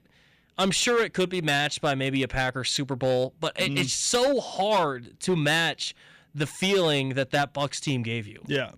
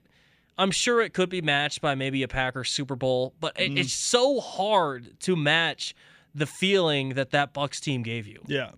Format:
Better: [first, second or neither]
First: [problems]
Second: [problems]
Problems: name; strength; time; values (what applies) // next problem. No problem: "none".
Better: second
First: distortion; slight; 6% of the sound clipped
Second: none